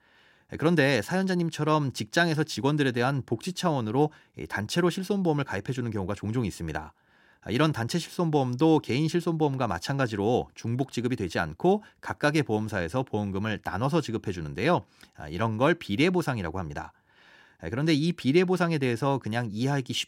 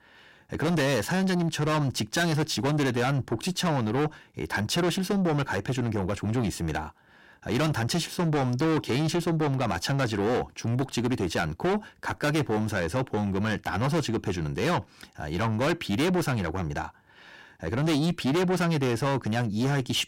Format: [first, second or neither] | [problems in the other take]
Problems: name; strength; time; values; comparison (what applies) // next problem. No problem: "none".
first | distortion; heavy; 6 dB below the speech